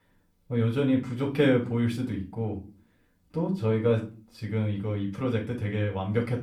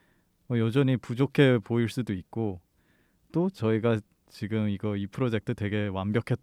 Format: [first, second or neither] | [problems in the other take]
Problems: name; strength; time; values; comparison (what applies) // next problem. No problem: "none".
second | room echo; slight; dies away in 0.3 s // off-mic speech; far